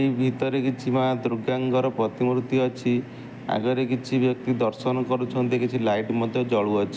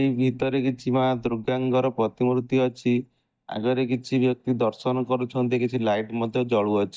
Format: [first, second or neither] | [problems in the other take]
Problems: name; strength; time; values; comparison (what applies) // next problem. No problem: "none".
first | noise reduction (neural mask model DeepFilterNet 3)